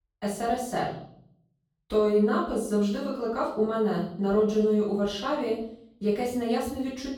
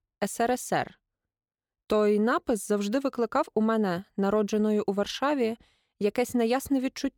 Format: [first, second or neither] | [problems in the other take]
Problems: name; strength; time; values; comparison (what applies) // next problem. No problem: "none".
second | off-mic speech; far // room echo; noticeable; dies away in 0.7 s